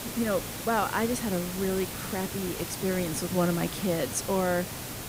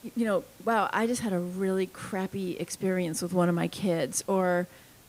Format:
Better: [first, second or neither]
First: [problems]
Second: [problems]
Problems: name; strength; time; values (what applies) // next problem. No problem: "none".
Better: second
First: hiss; loud; throughout; 6 dB below the speech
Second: hiss; faint; throughout; 25 dB below the speech